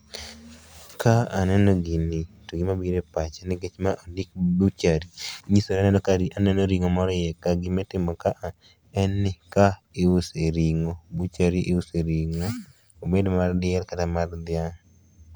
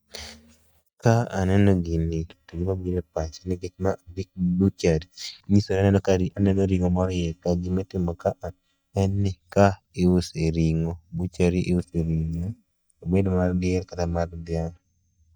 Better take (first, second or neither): first